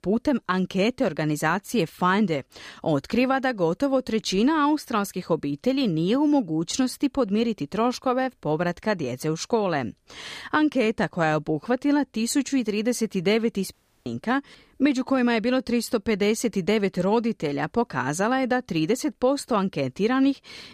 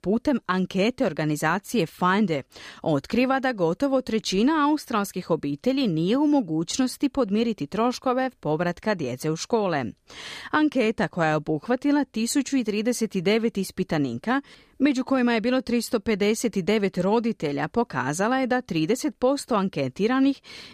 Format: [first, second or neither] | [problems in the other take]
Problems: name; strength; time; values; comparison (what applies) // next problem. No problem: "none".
second | audio cutting out; at 14 s